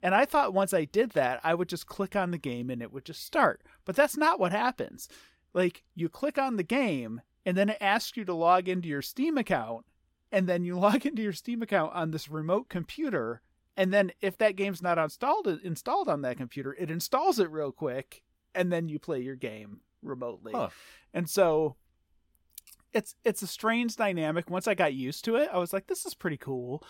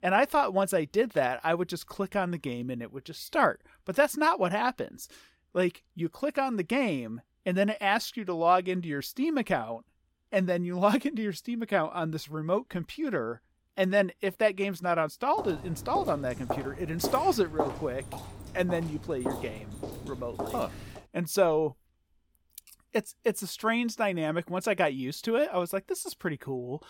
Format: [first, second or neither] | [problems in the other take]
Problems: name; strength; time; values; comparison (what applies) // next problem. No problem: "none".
first | footsteps; noticeable; from 15 to 21 s; peak 5 dB below the speech